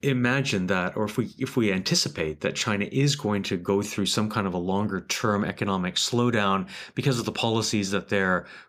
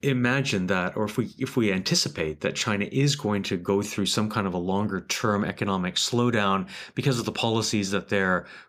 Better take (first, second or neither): neither